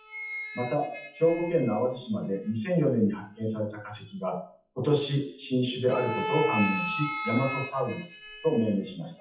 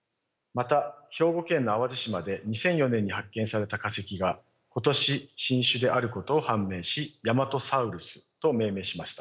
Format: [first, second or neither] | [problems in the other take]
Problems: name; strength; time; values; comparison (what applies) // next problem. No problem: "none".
second | noise reduction (classical method WPE with log-MMSE)